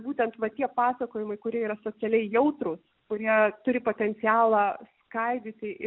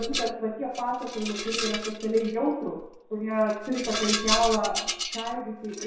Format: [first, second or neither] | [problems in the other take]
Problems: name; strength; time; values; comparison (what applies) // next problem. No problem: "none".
first | background sound (Rattle); 5 dB below the speech // room echo; dies away in 0.7 s